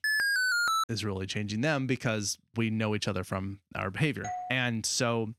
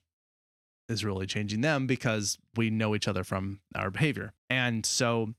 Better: second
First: alarm; loud; at the start; peak 6 dB above the speech // doorbell; noticeable; at 4 s; peak 7 dB below the speech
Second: none

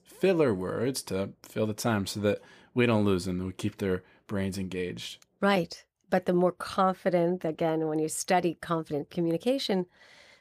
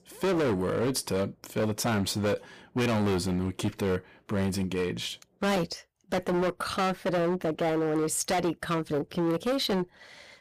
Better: first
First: none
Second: distortion; heavy; 19% of the sound clipped

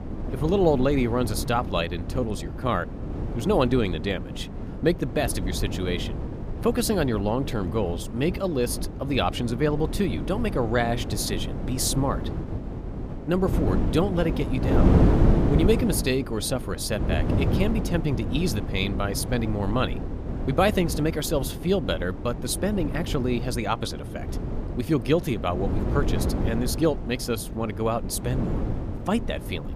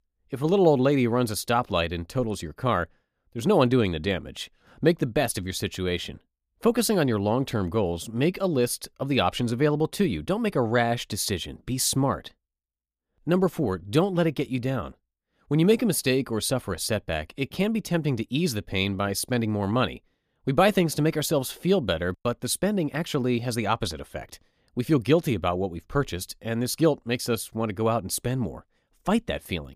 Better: second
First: wind noise on the microphone; heavy; 8 dB below the speech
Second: none

